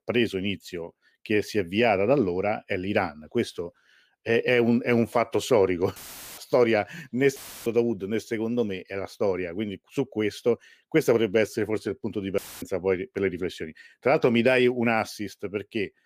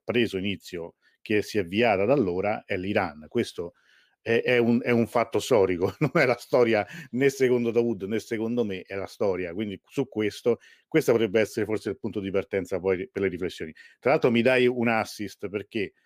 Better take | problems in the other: second | audio cutting out; filled with static; at 6 s, at 7.5 s and at 12 s

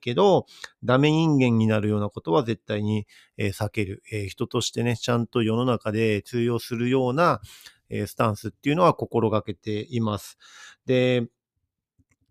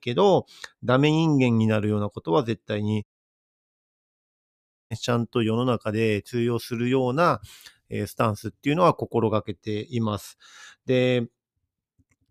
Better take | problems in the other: first | audio cutting out; at 3 s for 2 s

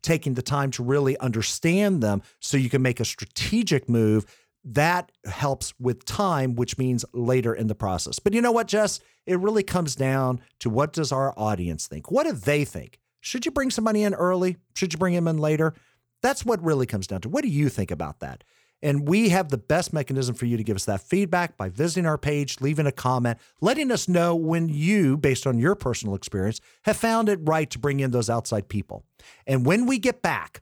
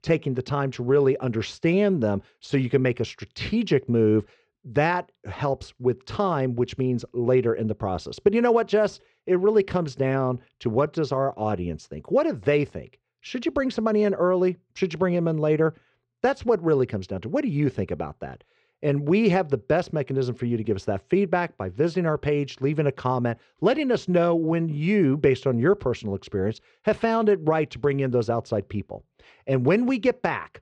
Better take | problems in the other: first | muffled; slightly; fading above 4 kHz

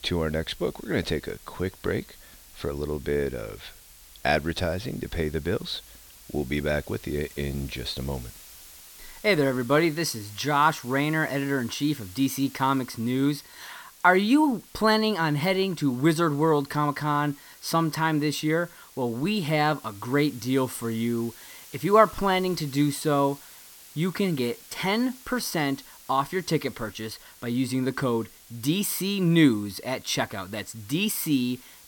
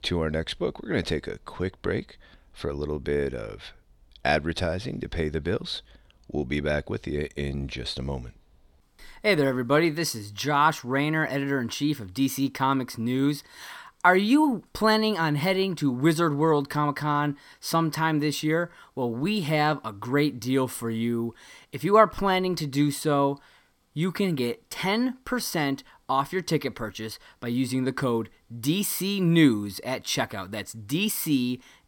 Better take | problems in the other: second | hiss; faint; throughout; 20 dB below the speech

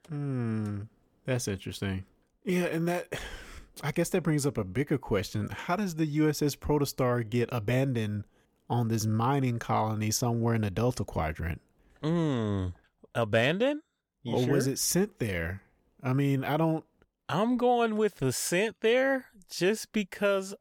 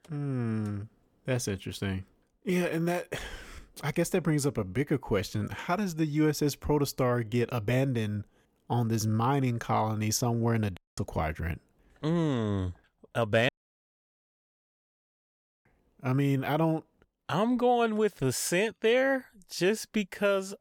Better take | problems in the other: first | audio cutting out; at 11 s and at 13 s for 2 s

